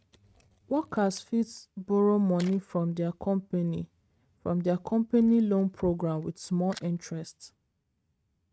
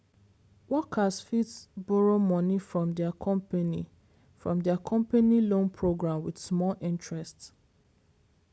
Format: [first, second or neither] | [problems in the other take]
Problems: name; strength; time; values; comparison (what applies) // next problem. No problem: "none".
second | noise reduction (neural mask model RNNoise)